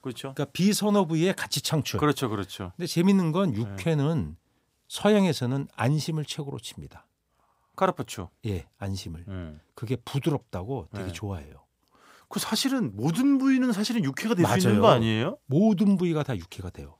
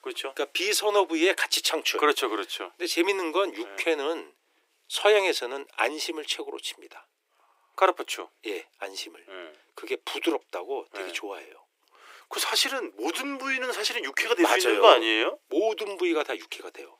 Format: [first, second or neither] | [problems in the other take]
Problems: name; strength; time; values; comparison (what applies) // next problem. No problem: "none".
first | thin; very; fading below 300 Hz